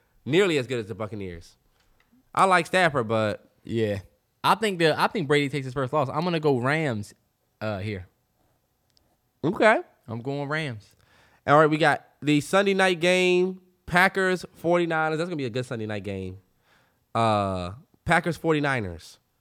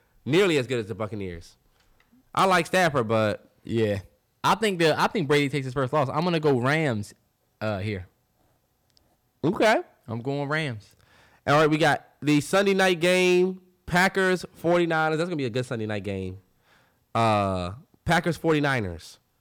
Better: first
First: none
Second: distortion; slight; 3% of the sound clipped

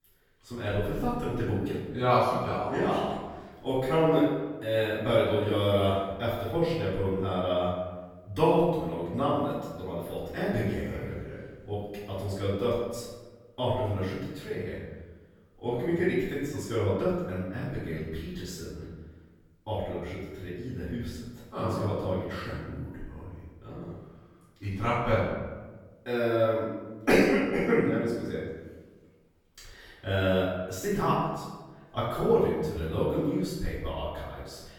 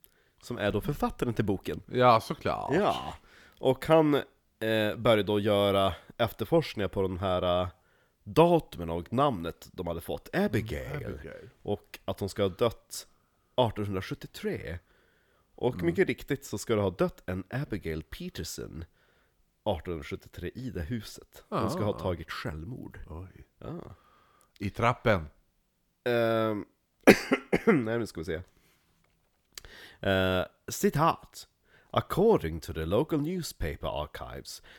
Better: second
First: off-mic speech; far // room echo; strong; dies away in 1.1 s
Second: none

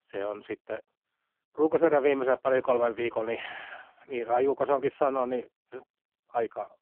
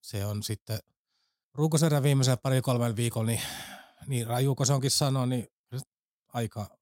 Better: second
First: phone-call audio; poor line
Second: none

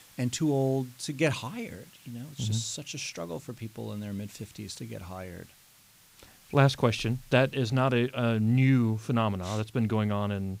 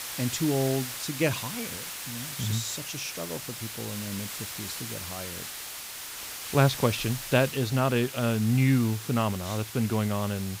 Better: first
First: hiss; faint; throughout; 25 dB below the speech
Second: hiss; loud; throughout; 8 dB below the speech

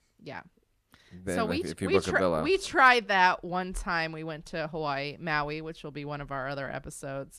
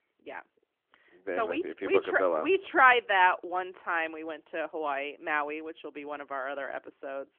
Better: first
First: none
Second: phone-call audio; nothing above 3 kHz

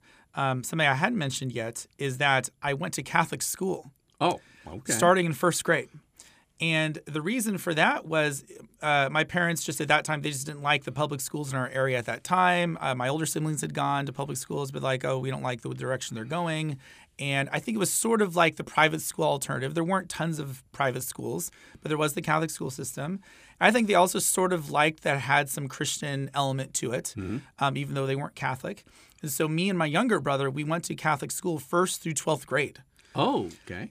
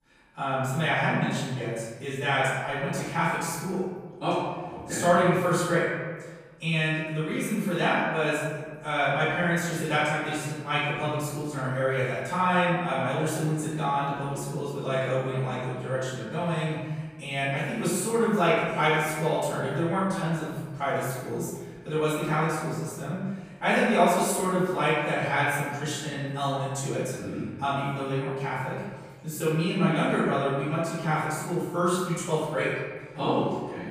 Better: first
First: none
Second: off-mic speech; far // room echo; strong; dies away in 1.3 s

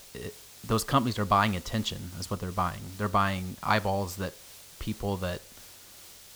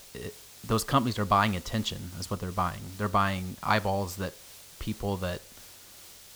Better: neither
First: hiss; noticeable; throughout; 15 dB below the speech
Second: hiss; noticeable; throughout; 15 dB below the speech

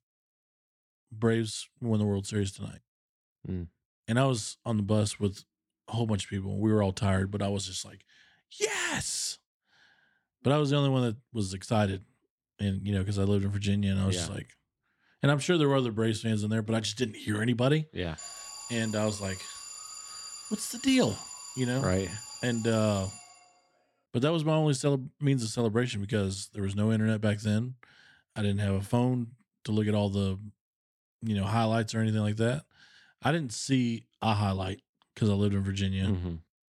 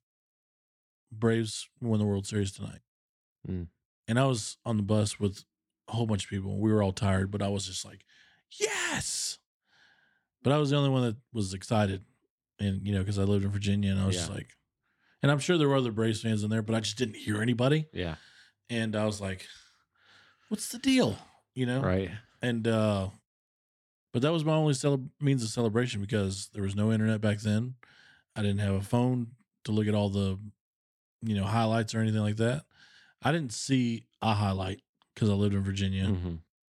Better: second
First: alarm; faint; from 18 to 23 s; peak 10 dB below the speech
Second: none

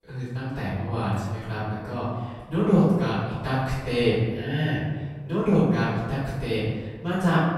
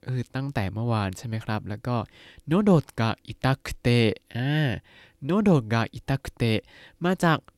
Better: second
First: off-mic speech; far // room echo; strong; dies away in 1.4 s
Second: none

